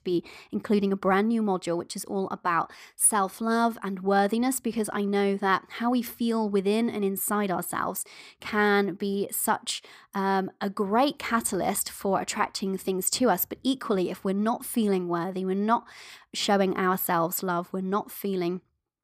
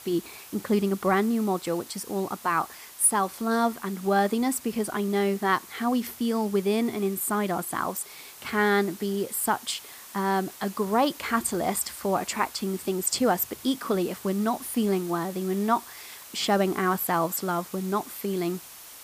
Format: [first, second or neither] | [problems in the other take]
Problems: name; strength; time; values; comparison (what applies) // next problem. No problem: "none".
first | hiss; noticeable; throughout; 15 dB below the speech